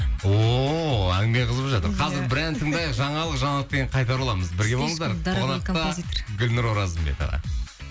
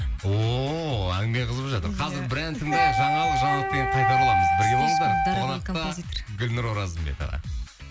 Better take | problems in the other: first | background sound (Wind instrument, woodwind instrument); 4 dB above the speech

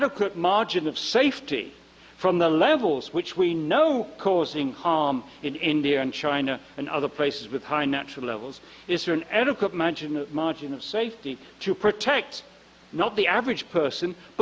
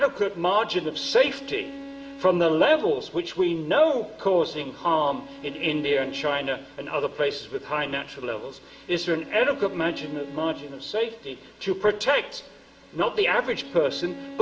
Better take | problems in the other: first | background sound (Bowed string instrument); 19 dB below the speech // room echo; dies away in 1.4 s

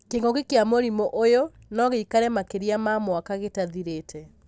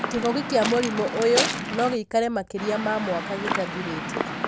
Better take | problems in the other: first | background sound (Waves, surf / Wind); 4 dB below the speech

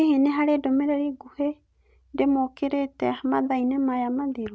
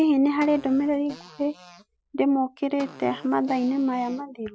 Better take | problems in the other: first | noise reduction (classical method Wiener filter)

